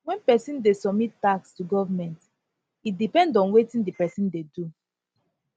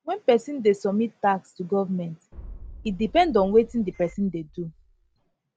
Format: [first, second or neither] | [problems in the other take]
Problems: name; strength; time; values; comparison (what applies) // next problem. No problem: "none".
first | background sound (Boom); 18 dB below the speech